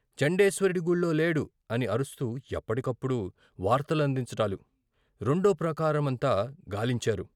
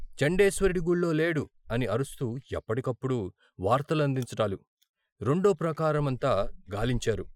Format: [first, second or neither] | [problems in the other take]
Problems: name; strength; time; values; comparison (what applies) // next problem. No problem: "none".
first | noise reduction (classical method Wiener filter)